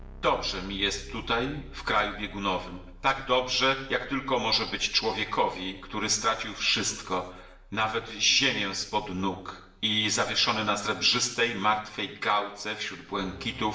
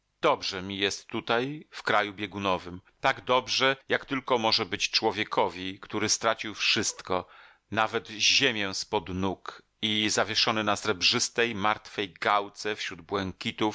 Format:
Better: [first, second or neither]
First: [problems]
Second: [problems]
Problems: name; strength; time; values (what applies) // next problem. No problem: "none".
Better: second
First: background sound (Keyboard (musical)); 19 dB below the speech // room echo; dies away in 0.8 s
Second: none